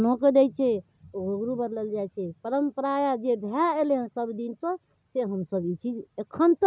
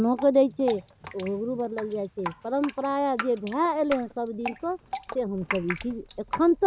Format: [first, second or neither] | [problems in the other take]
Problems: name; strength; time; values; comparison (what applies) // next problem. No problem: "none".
first | background sound (Drip); 12 dB below the speech